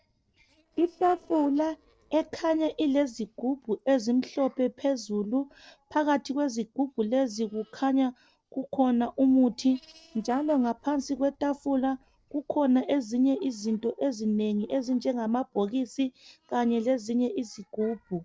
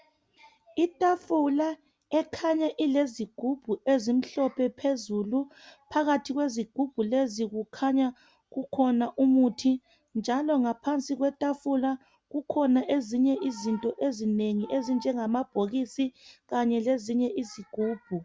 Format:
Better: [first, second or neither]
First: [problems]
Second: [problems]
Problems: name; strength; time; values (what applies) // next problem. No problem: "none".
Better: second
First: noise reduction (neural separator model SepFormer DNS4)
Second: none